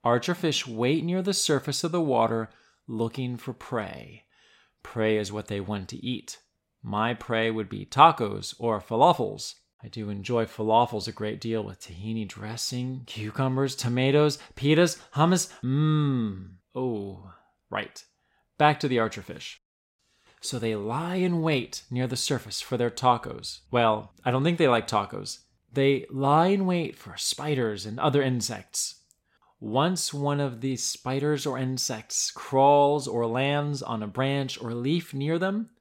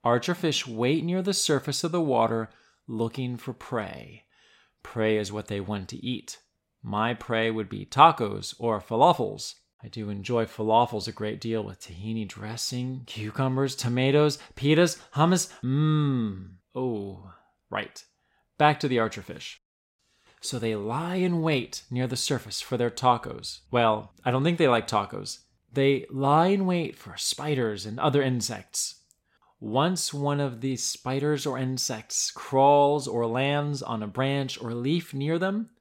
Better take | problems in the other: neither | none

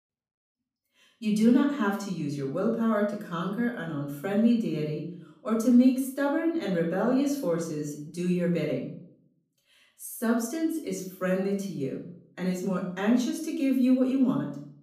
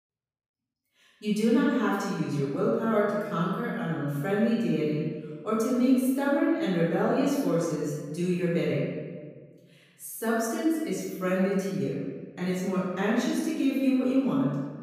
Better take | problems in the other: first | room echo; strong; dies away in 1.4 s; slight in the first // off-mic speech; far; far in the first

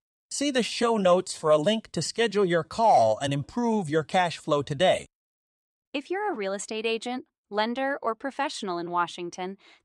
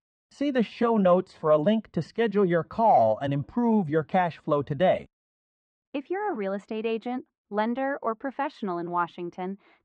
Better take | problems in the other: first | muffled; very; fading above 2 kHz

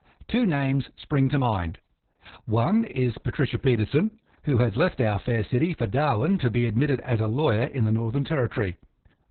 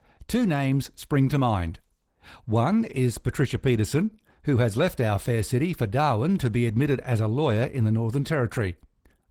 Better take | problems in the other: second | garbled, watery; badly; nothing above 4 kHz; slightly in the second

